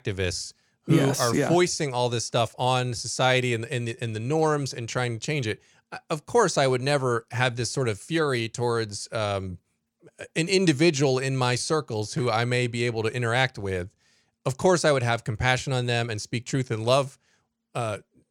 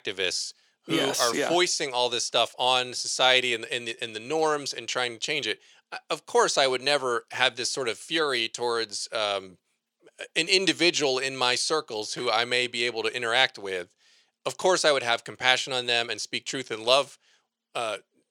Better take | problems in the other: first | thin; somewhat; fading below 400 Hz

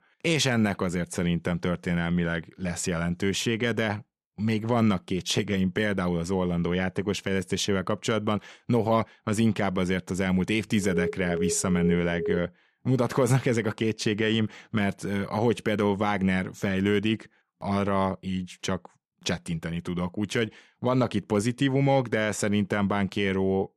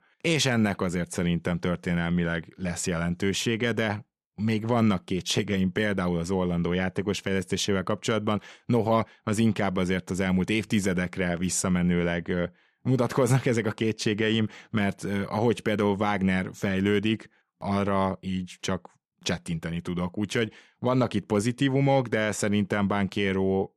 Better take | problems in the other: second | alarm; noticeable; from 11 to 12 s; peak 5 dB below the speech

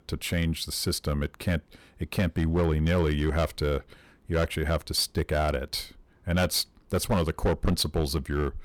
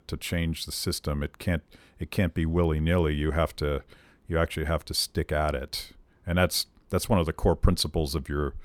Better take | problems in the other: second | distortion; slight; 6% of the sound clipped

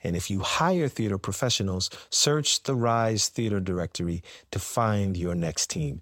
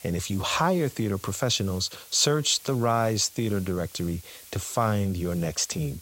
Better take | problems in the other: first | hiss; noticeable; throughout; 20 dB below the speech

